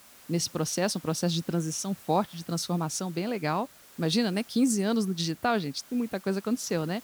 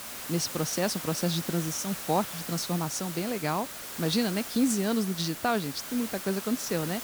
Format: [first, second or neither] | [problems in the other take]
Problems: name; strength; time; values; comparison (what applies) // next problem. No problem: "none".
first | hiss; loud; throughout; 6 dB below the speech; faint in the first